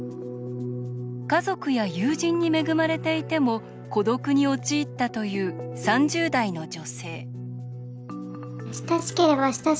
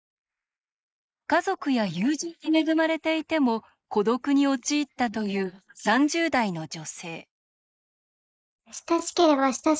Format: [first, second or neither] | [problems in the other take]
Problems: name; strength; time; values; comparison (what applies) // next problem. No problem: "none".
first | noise reduction (neural mask model Resemble Enhance denoiser)